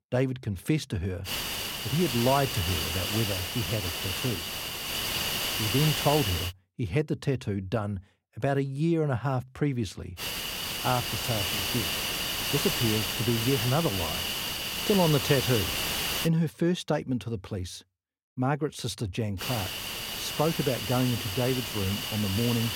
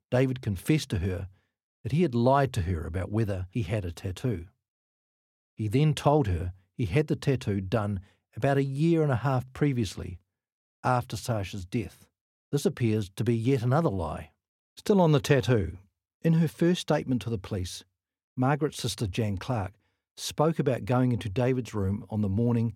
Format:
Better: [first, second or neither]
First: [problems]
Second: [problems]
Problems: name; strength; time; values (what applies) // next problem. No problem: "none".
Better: second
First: hiss; loud; from 1.5 to 6.5 s, from 10 to 16 s and from 19 s on; as loud as the speech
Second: none